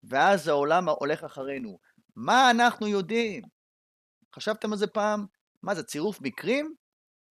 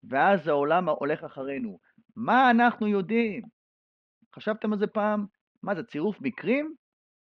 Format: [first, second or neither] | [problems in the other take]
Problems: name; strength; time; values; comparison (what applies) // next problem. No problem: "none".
first | muffled; very; fading above 3 kHz